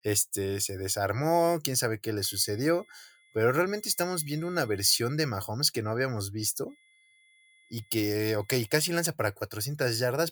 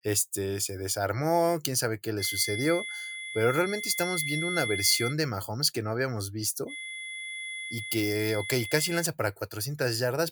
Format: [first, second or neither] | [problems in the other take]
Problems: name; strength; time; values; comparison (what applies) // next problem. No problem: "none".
first | high-pitched whine; loud; from 2 to 5 s and from 6.5 to 9 s; 2 kHz, 6 dB below the speech; faint in the first